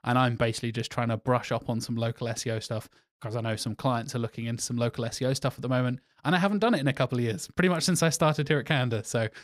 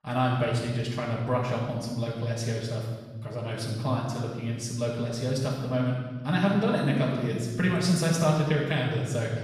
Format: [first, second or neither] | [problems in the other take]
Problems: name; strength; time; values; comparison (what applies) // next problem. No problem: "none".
first | off-mic speech; far // room echo; noticeable; dies away in 1.5 s